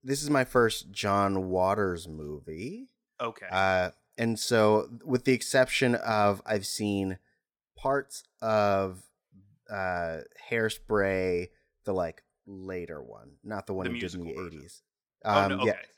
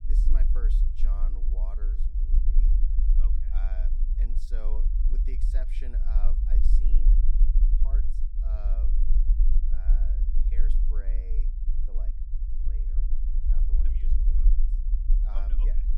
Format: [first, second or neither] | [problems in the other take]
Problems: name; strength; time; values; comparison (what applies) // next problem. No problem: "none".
first | low rumble; loud; throughout; 1 dB below the speech